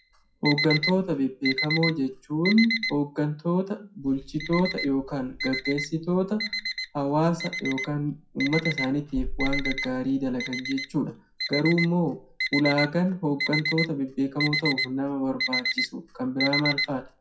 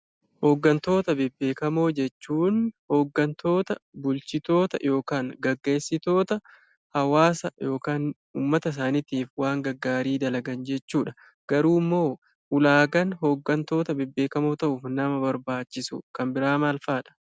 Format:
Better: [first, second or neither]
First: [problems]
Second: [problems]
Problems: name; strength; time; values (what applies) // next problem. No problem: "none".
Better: second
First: noise reduction (classical method WPE with log-MMSE)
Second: none